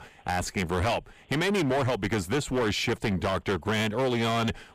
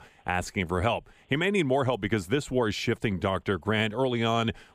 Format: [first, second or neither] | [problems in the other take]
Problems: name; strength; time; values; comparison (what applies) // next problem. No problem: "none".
second | distortion; heavy; 18% of the sound clipped